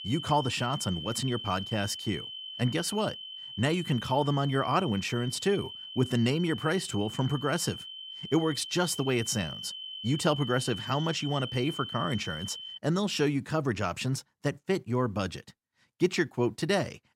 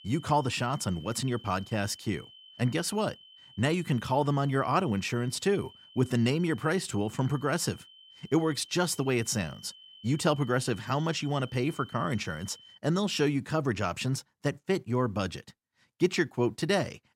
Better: second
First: high-pitched whine; loud; until 13 s; 3 kHz, 9 dB below the speech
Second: high-pitched whine; faint; until 13 s; 3 kHz, 20 dB below the speech

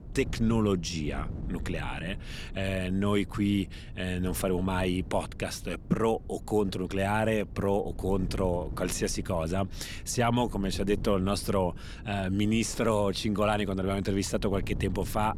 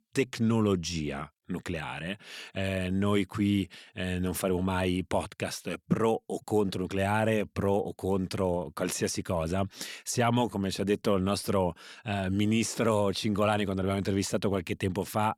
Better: second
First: wind noise on the microphone; occasional gusts; 20 dB below the speech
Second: none

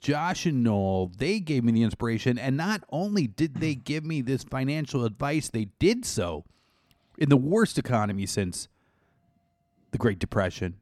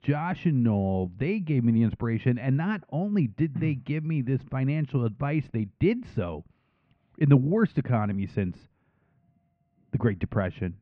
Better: first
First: none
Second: muffled; very; fading above 2.5 kHz

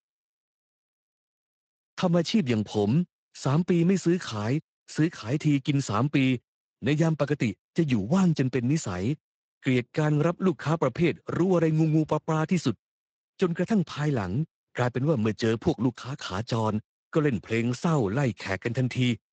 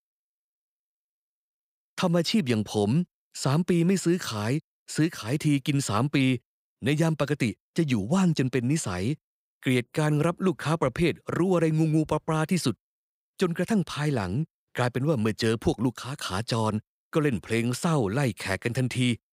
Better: second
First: garbled, watery; slightly; nothing above 7.5 kHz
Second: none

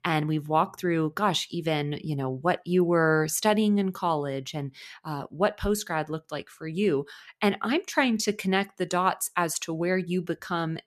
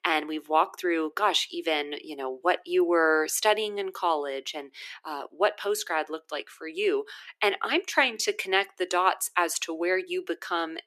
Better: first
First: none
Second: thin; very; fading below 350 Hz

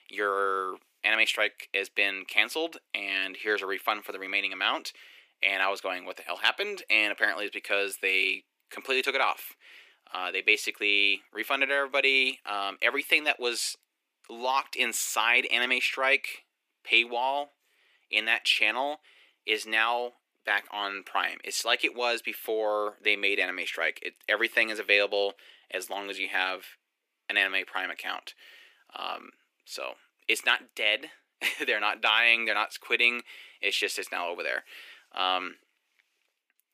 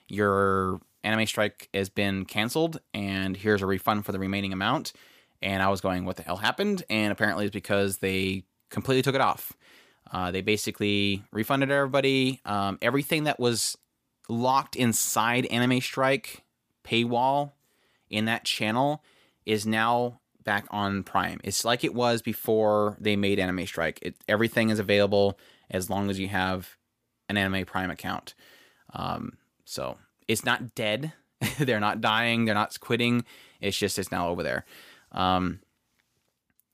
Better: second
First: thin; very; fading below 350 Hz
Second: none

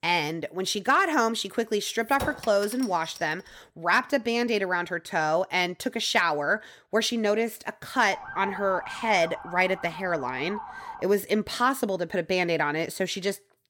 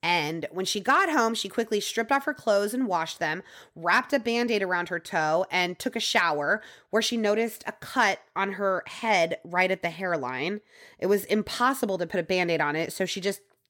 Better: second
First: clattering dishes; noticeable; from 2 to 3 s; peak 9 dB below the speech // siren; noticeable; from 8 to 11 s; peak 9 dB below the speech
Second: none

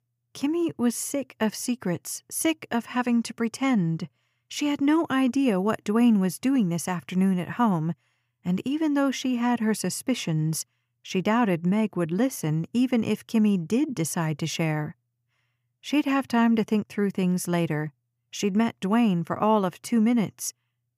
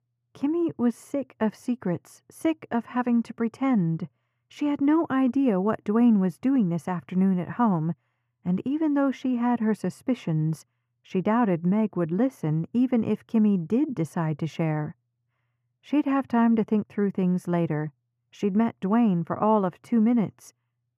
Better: first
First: none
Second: muffled; very; fading above 2.5 kHz

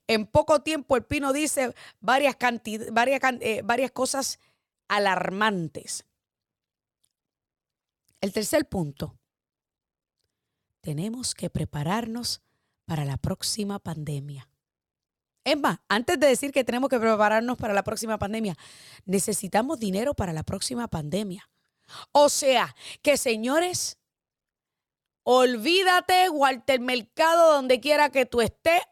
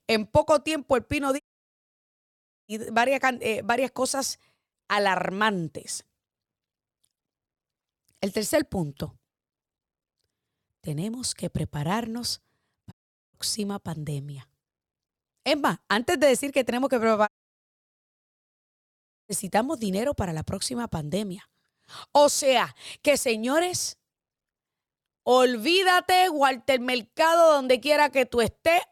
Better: first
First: none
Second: audio cutting out; at 1.5 s for 1.5 s, at 13 s and at 17 s for 2 s

